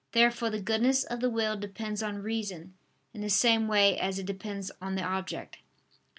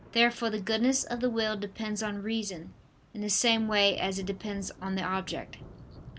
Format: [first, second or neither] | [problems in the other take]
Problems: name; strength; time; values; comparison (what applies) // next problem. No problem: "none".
first | background sound (Thunder / Rain); 19 dB below the speech